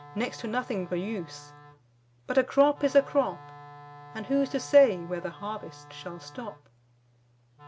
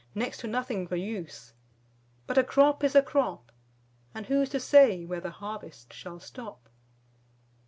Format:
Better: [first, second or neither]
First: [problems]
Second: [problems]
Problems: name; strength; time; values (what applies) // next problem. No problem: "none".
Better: second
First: background sound (Wind instrument, woodwind instrument); 20 dB below the speech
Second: none